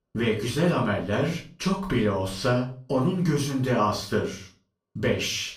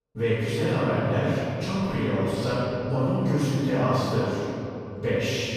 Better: first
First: room echo; slight; dies away in 0.3 s // off-mic speech; far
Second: room echo; strong; dies away in 3 s // off-mic speech; far

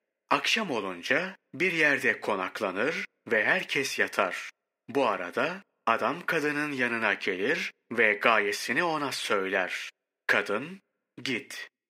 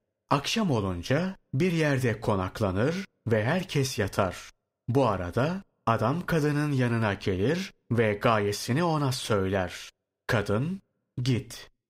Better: second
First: thin; somewhat; fading below 250 Hz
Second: none

